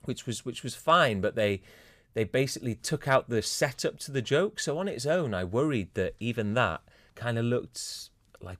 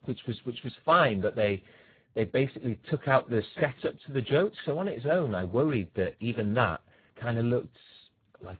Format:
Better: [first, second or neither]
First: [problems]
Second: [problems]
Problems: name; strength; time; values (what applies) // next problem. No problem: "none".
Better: first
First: none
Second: garbled, watery; badly; nothing above 4 kHz